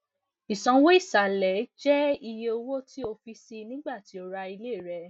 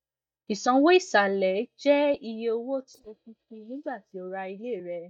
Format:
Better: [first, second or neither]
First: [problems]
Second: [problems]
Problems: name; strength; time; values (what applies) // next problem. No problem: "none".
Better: first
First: none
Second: noise reduction (neural mask model DeepFilterNet 3)